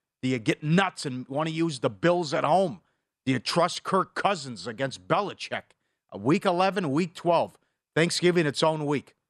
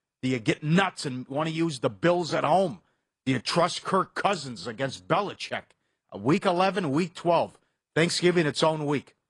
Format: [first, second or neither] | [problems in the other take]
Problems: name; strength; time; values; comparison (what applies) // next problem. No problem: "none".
first | garbled, watery; slightly; nothing above 10 kHz